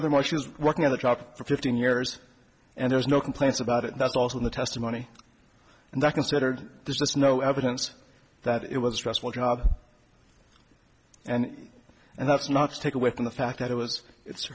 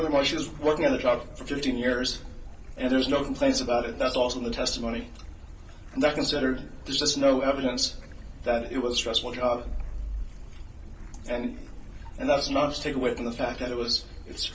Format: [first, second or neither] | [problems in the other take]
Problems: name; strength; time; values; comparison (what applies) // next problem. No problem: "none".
first | background sound (Stream / Bird); 13 dB below the speech // room echo; dies away in 0.3 s